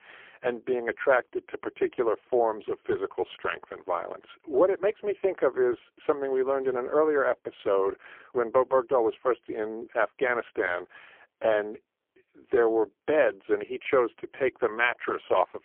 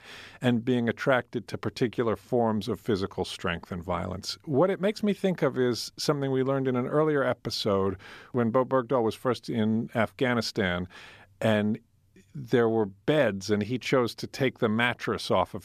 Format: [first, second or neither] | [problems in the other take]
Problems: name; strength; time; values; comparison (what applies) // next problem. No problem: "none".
second | phone-call audio; poor line; nothing above 3.5 kHz